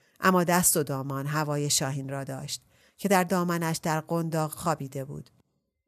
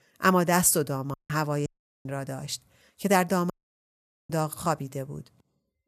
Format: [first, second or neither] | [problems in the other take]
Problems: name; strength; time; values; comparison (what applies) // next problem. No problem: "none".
first | audio cutting out; at 1 s, at 1.5 s and at 3.5 s for 1 s